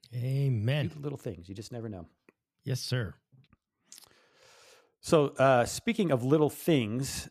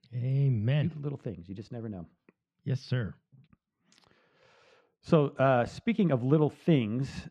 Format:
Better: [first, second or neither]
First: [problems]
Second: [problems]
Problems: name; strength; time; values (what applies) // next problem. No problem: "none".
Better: first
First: none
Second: muffled; slightly; fading above 3 kHz